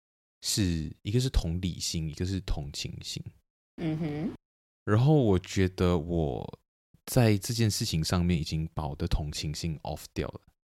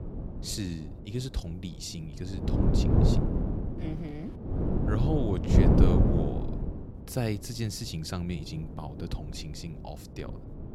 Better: first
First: none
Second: wind noise on the microphone; heavy; 4 dB above the speech

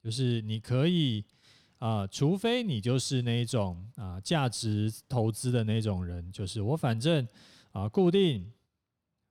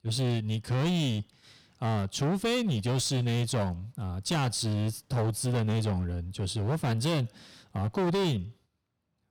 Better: first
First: none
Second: distortion; heavy; 20% of the sound clipped

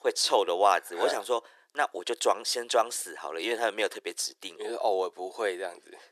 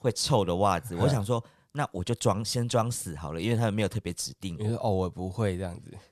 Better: second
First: thin; very; fading below 350 Hz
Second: none

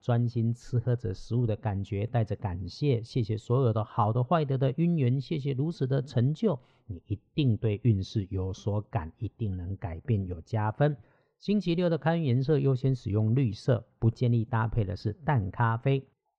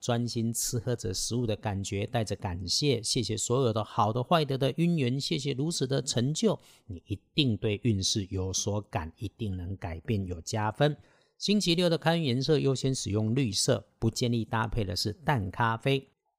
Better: second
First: muffled; very; fading above 2 kHz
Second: none

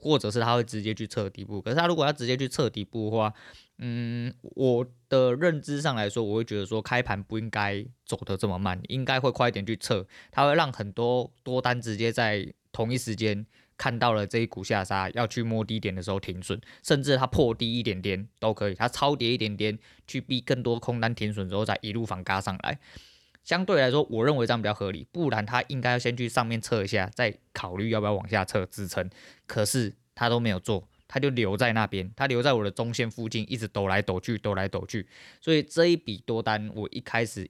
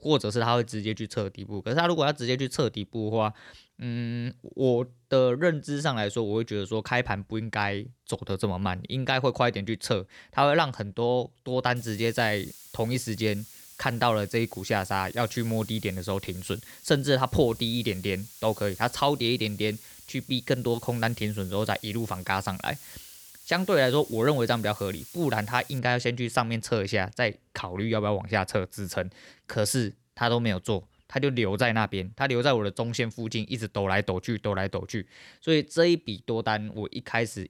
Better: first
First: none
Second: hiss; noticeable; from 12 to 26 s; 20 dB below the speech

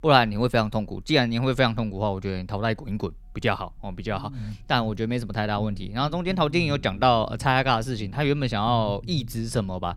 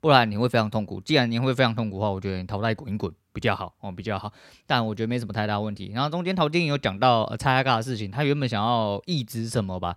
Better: second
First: low rumble; faint; throughout; 25 dB below the speech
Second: none

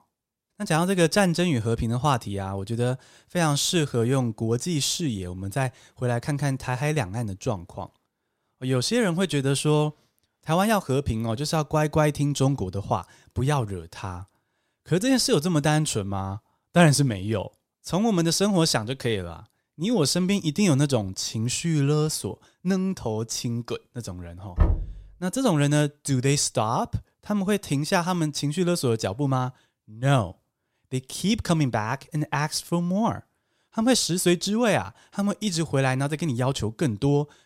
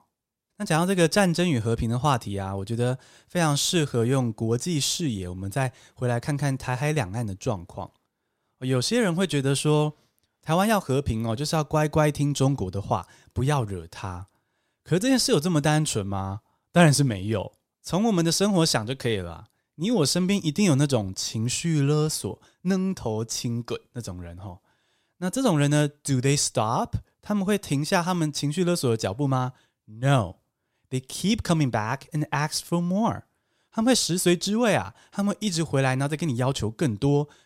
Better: second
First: door banging; noticeable; at 25 s; peak 1 dB below the speech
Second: none

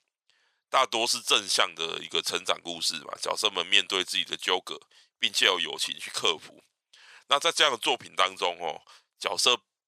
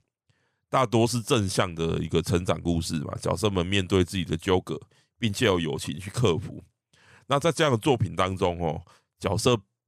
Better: second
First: thin; very; fading below 700 Hz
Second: none

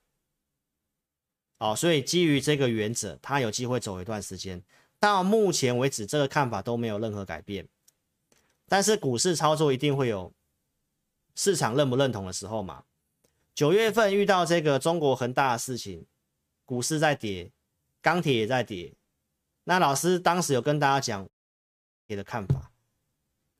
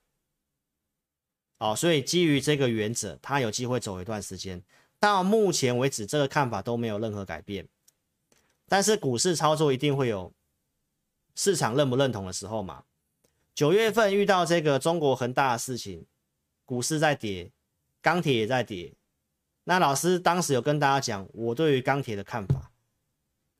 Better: second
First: audio cutting out; at 21 s for 1 s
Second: none

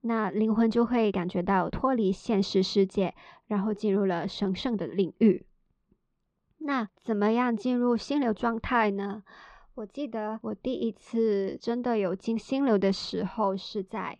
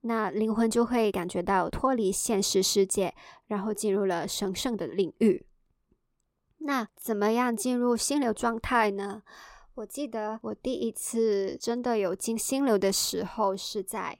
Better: second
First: muffled; slightly; fading above 4 kHz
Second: none

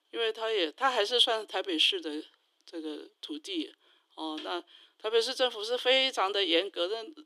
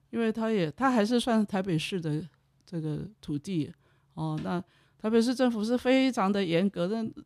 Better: second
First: thin; very; fading below 300 Hz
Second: none

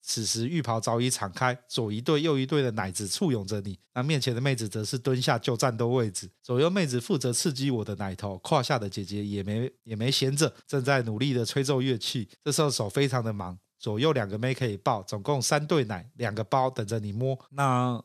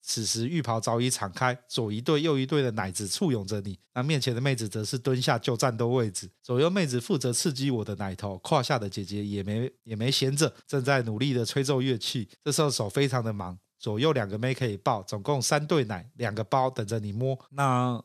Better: neither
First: none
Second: none

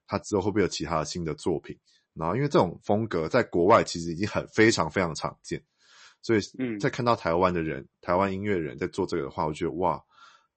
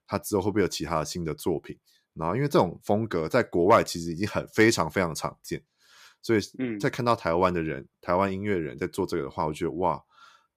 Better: second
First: garbled, watery; slightly; nothing above 8 kHz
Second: none

